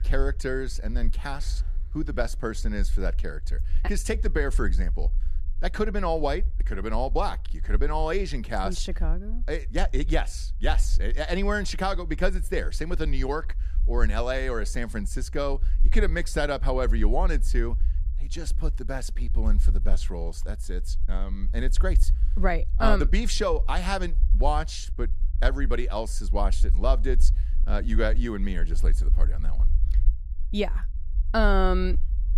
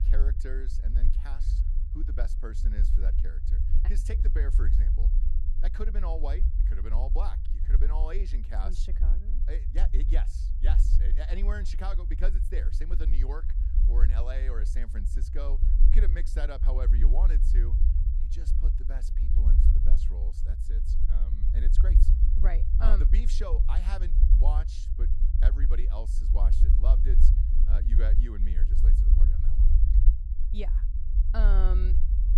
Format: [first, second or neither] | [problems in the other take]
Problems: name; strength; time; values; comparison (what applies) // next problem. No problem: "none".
first | low rumble; loud; throughout; 6 dB below the speech; faint in the first